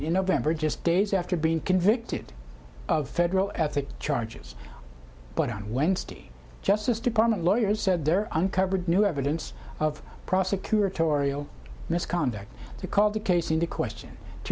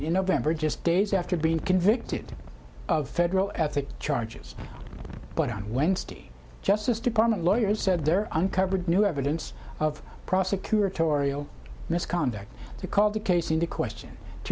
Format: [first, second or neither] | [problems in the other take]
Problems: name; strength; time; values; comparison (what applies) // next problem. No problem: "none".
first | background sound (Wind); 12 dB below the speech